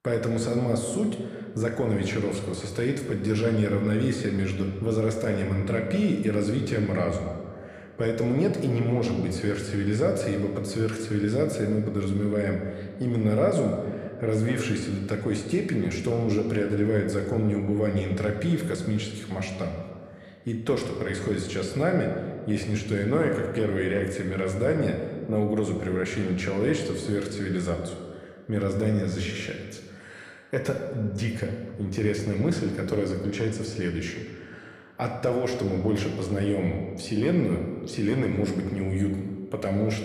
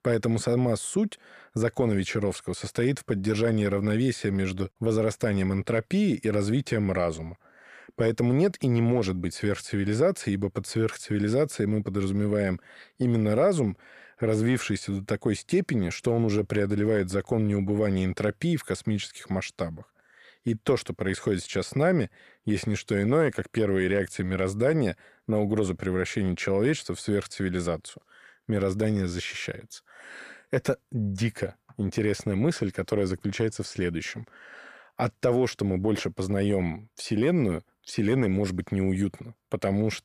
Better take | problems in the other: second | room echo; slight; dies away in 1.4 s

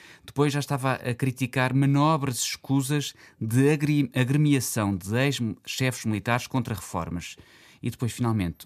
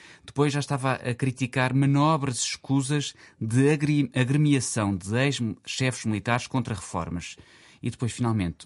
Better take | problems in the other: first | garbled, watery; slightly; nothing above 11 kHz

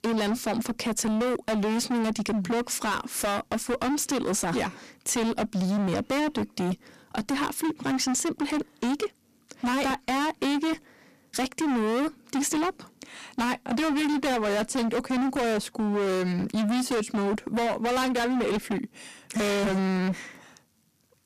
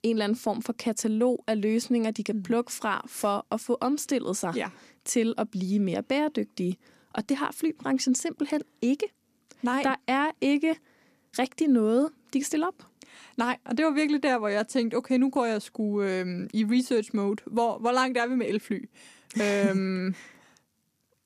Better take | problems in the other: second | distortion; heavy; 32% of the sound clipped

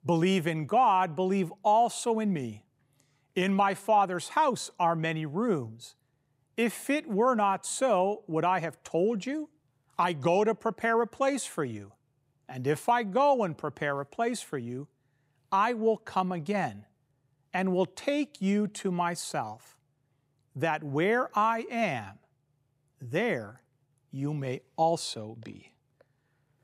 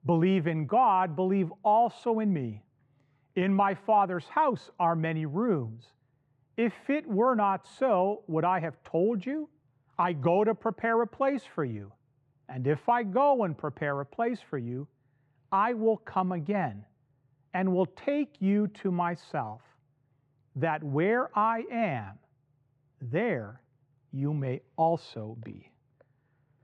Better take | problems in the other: first | muffled; very; fading above 2 kHz

